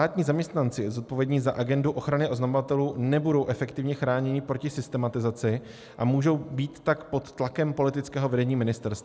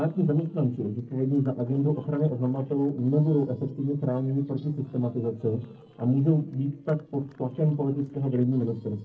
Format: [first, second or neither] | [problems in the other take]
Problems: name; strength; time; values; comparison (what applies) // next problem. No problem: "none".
first | noise reduction (neural separator model SepFormer DNS4)